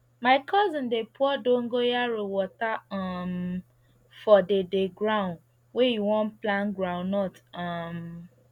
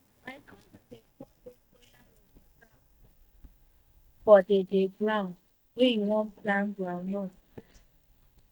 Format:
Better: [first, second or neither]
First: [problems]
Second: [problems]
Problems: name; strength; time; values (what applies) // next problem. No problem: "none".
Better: first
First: none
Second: noise reduction (neural mask model DeepFilterNet 3)